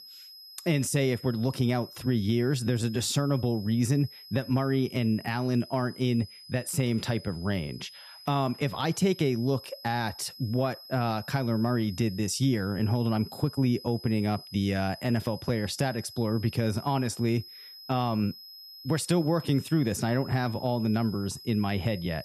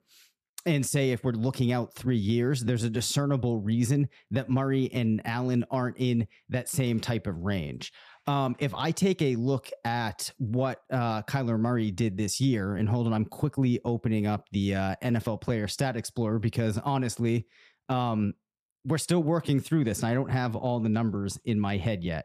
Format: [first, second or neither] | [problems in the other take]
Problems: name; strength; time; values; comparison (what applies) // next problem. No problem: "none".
second | high-pitched whine; noticeable; throughout; 5 kHz, 15 dB below the speech